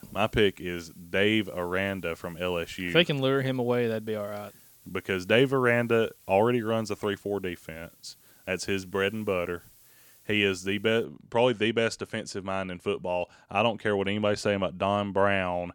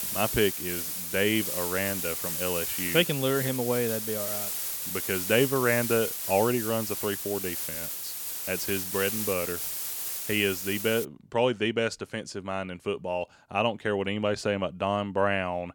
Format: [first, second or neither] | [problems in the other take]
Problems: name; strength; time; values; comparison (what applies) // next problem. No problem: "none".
first | hiss; loud; until 11 s; 2 dB below the speech; faint in the first